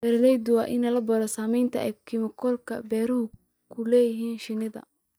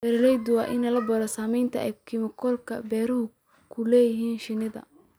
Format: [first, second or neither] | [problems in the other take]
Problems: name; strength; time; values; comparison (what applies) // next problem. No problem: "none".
second | noise reduction (neural mask model DeepFilterNet 3)